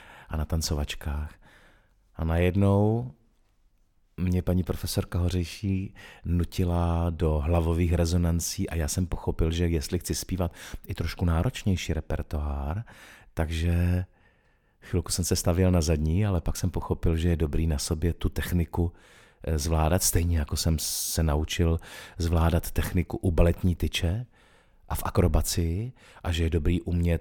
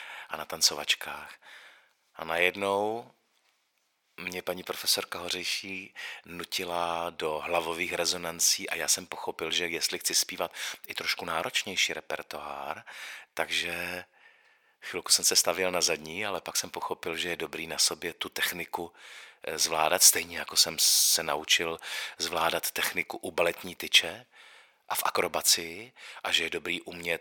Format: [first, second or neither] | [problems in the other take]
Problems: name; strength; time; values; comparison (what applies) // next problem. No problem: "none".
first | thin; very; fading below 700 Hz